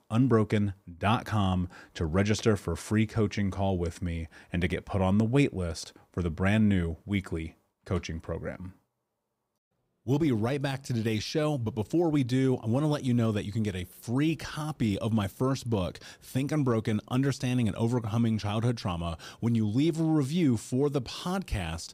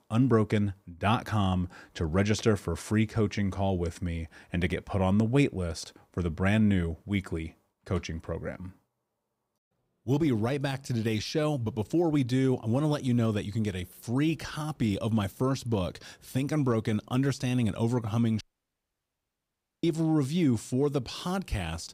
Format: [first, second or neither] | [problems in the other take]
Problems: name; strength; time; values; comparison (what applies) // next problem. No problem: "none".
first | audio cutting out; at 18 s for 1.5 s